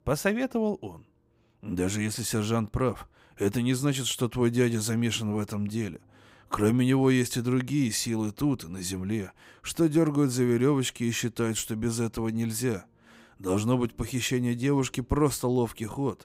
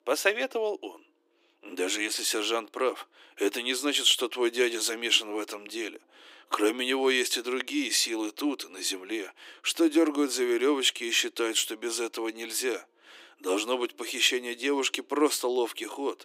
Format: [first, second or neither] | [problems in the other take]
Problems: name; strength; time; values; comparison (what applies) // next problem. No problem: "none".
first | thin; somewhat; fading below 300 Hz